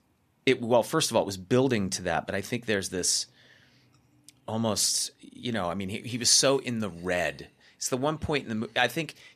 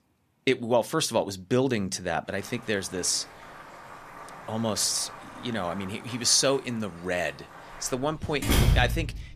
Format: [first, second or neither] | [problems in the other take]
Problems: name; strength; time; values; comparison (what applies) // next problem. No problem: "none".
first | household noises; loud; from 2.5 s on; 5 dB below the speech